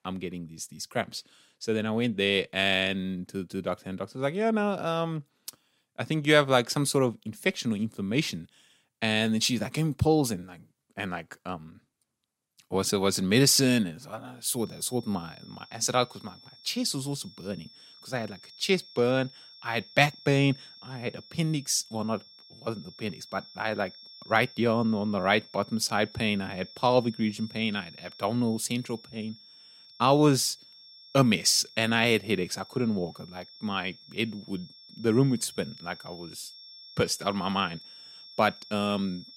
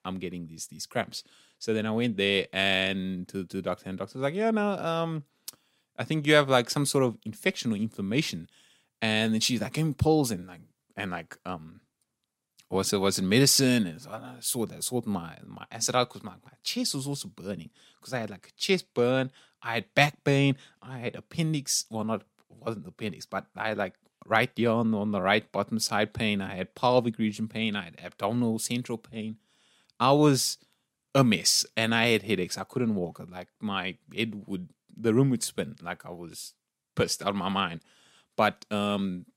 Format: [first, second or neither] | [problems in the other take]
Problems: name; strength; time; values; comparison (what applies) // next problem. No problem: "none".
second | high-pitched whine; faint; from 15 s on; 5.5 kHz, 20 dB below the speech